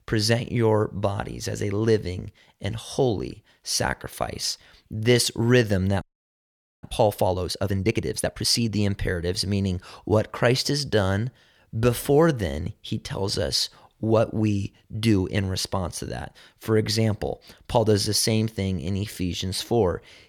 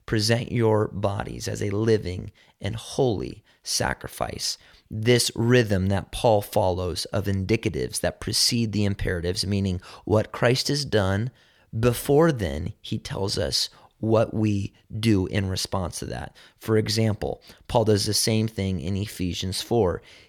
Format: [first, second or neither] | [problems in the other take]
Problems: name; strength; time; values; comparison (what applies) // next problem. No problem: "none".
second | audio freezing; at 6 s for 1 s